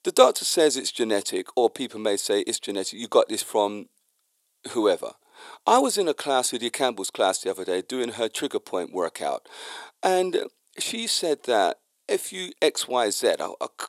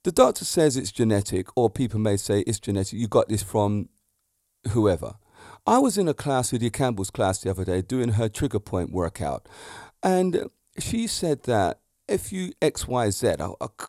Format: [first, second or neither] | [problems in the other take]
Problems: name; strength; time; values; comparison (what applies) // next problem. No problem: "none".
second | thin; somewhat; fading below 350 Hz